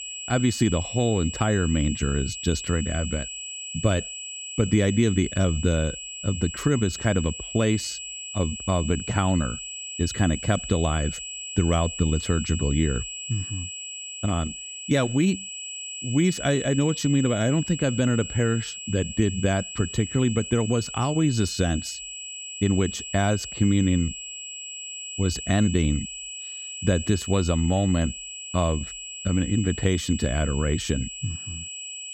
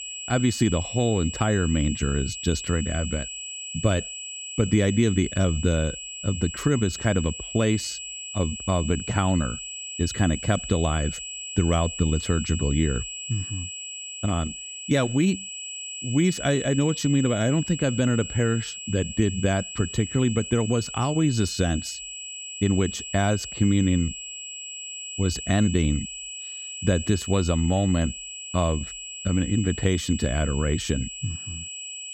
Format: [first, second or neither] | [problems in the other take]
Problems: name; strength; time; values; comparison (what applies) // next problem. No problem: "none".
neither | high-pitched whine; loud; throughout; 7.5 kHz, 8 dB below the speech; the same in both